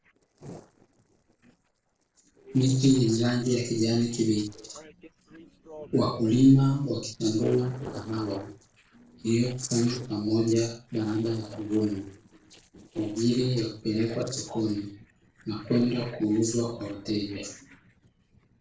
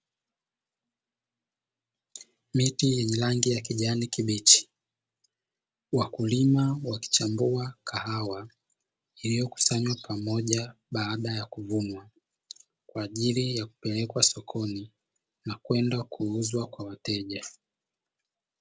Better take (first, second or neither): second